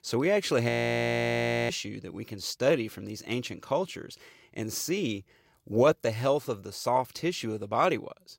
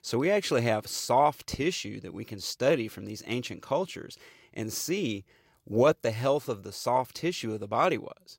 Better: second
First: audio freezing; at 0.5 s for 1 s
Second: none

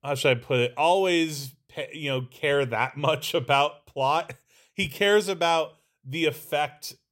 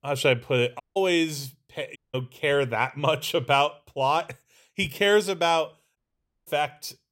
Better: first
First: none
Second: audio cutting out; at 1 s, at 2 s and at 6 s for 0.5 s

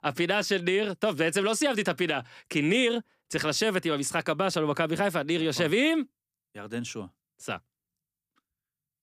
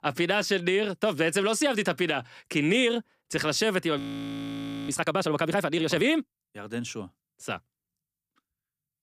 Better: first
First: none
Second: audio freezing; at 4 s for 1 s

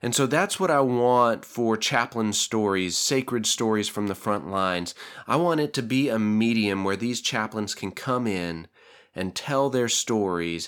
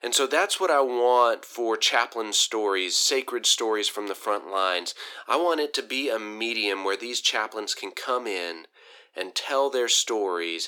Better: first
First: none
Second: thin; very; fading below 350 Hz

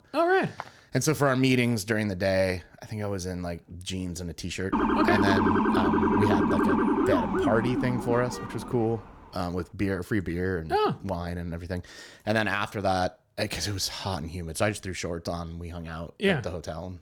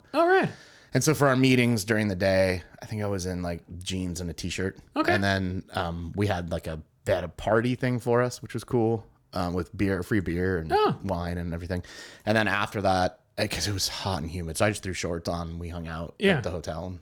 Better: second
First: footsteps; faint; at 0.5 s; peak 15 dB below the speech // siren; loud; from 4.5 to 9 s; peak 6 dB above the speech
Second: none

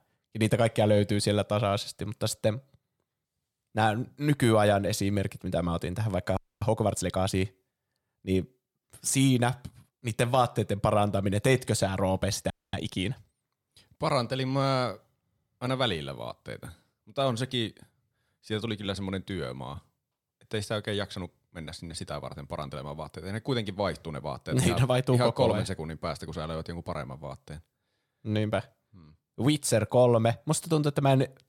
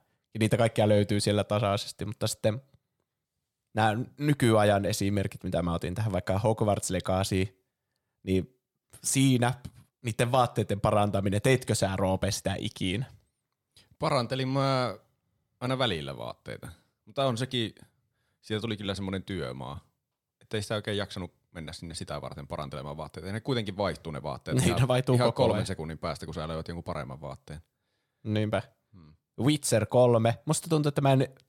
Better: second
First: audio freezing; at 6.5 s and at 13 s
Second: none

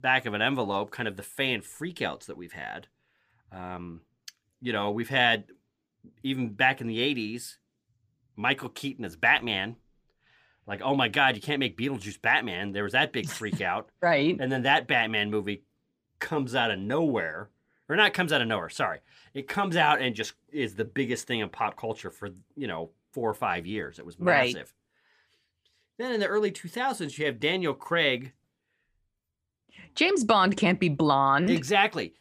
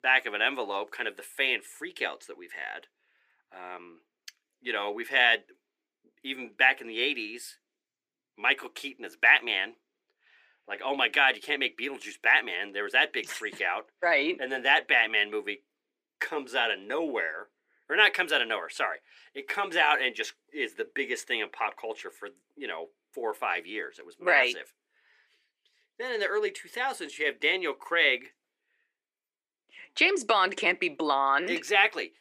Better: first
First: none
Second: thin; somewhat; fading below 350 Hz

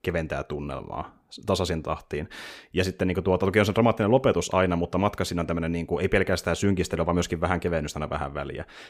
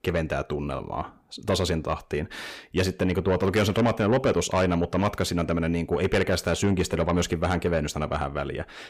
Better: first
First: none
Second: distortion; slight; 10 dB below the speech

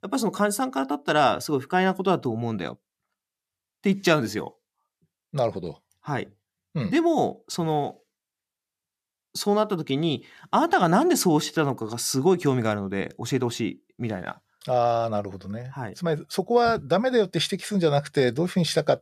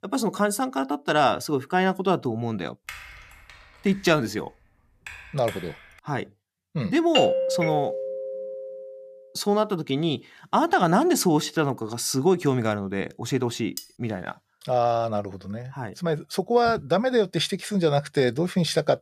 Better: first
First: none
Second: keyboard typing; faint; from 3 to 6 s; peak 15 dB below the speech // doorbell; loud; from 7 to 8.5 s; peak 3 dB above the speech // clattering dishes; faint; at 14 s; peak 15 dB below the speech

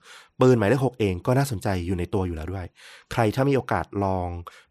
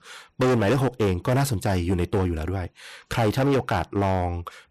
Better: first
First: none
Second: distortion; heavy; 13% of the sound clipped

